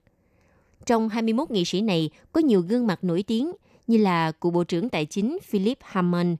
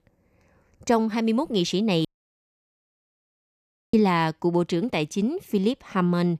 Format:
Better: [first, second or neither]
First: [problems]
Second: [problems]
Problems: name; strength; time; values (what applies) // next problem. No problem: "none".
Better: first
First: none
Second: audio cutting out; at 2 s for 2 s